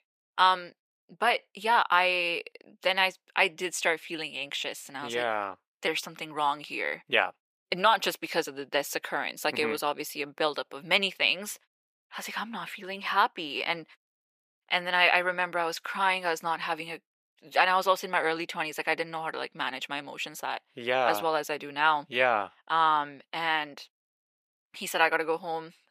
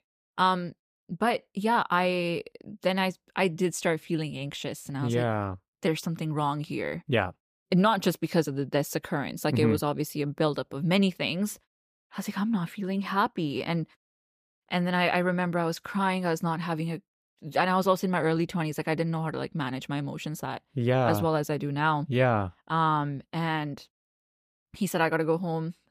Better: second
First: thin; very; fading below 500 Hz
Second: none

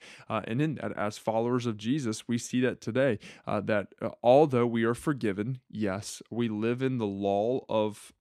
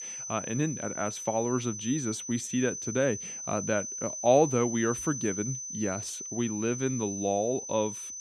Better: first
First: none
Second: high-pitched whine; loud; throughout; 6 kHz, 6 dB below the speech

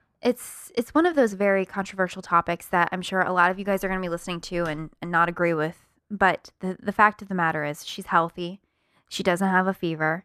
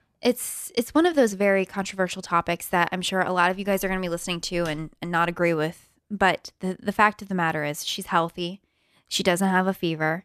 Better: second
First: muffled; slightly; fading above 1.5 kHz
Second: none

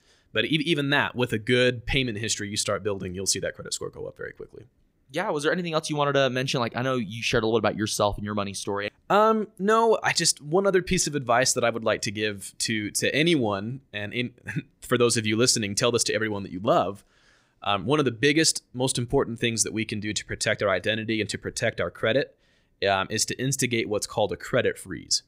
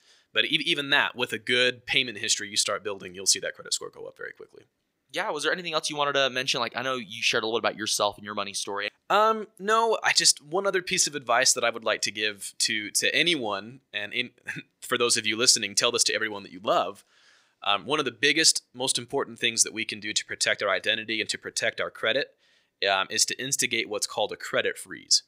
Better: first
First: none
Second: thin; somewhat; fading below 700 Hz

